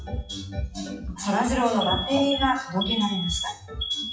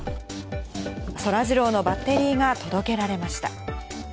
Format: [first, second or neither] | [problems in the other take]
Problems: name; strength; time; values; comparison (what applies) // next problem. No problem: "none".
second | noise reduction (classical method WPE with log-MMSE)